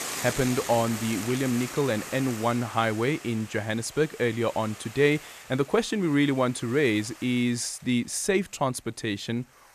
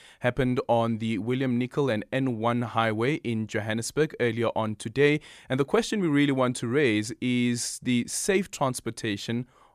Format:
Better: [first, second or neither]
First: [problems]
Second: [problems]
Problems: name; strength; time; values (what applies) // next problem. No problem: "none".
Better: second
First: hiss; noticeable; throughout; 10 dB below the speech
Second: none